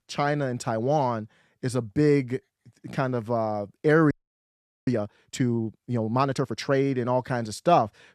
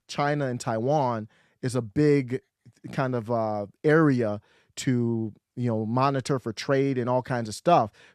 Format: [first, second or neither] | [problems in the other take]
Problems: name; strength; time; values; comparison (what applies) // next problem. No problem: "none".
second | audio freezing; at 4 s for 1 s